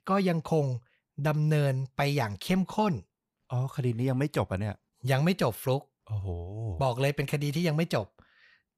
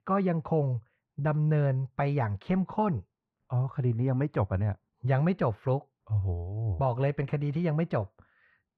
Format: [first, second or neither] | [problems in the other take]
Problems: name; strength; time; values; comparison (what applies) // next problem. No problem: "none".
first | muffled; very; fading above 1.5 kHz